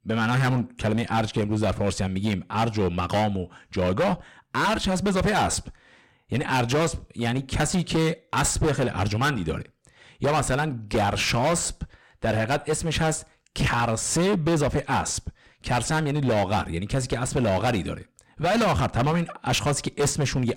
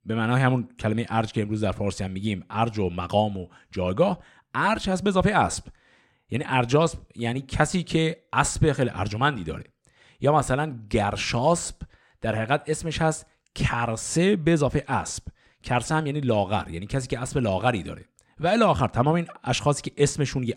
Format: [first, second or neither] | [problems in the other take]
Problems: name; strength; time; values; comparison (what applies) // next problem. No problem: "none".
second | distortion; heavy; 16% of the sound clipped